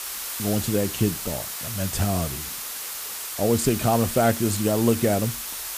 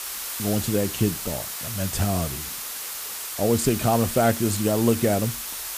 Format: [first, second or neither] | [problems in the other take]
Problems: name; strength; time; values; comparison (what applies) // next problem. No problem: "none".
neither | hiss; loud; throughout; 6 dB below the speech; the same in both